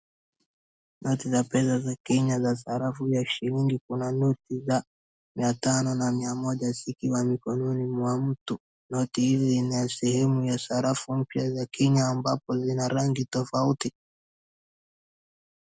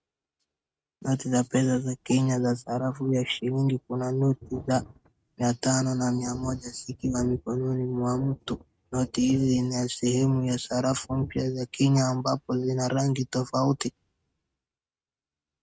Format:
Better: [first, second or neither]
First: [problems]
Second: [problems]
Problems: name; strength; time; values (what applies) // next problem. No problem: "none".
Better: first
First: none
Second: noise reduction (neural mask model RNNoise)